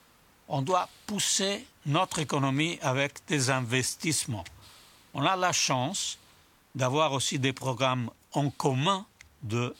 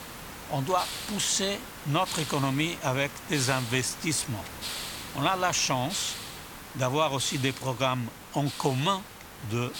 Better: first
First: hiss; faint; throughout; 30 dB below the speech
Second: hiss; loud; throughout; 10 dB below the speech

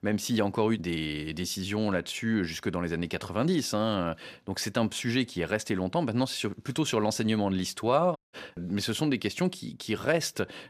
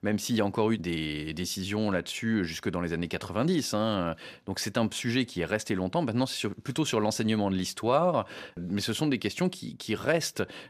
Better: second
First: audio cutting out; at 8 s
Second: none

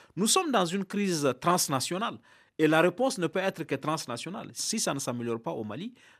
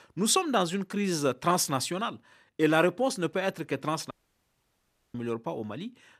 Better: first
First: none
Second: audio cutting out; at 4 s for 1 s

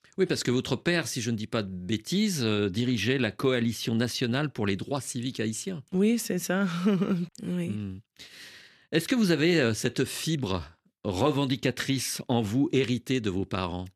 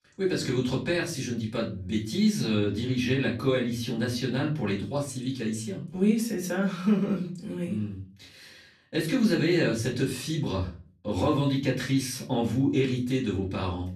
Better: first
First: none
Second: off-mic speech; far // room echo; slight; dies away in 0.3 s

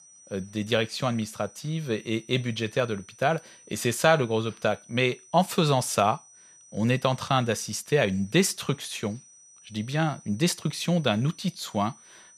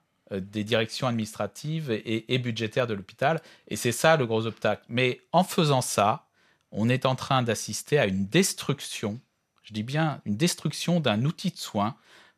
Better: second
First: high-pitched whine; faint; throughout; 6 kHz, 25 dB below the speech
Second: none

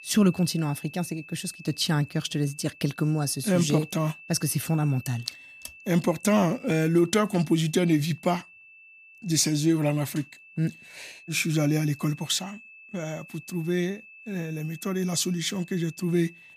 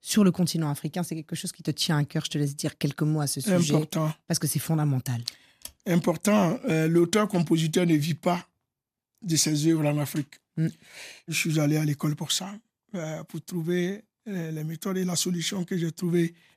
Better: second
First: high-pitched whine; faint; throughout; 2.5 kHz, 20 dB below the speech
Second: none

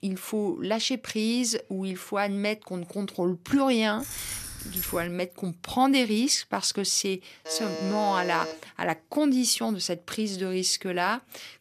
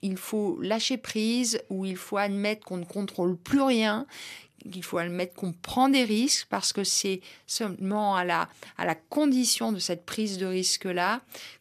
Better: second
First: jangling keys; noticeable; from 4 to 5 s; peak 5 dB below the speech // alarm; noticeable; from 7.5 to 8.5 s; peak 7 dB below the speech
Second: none

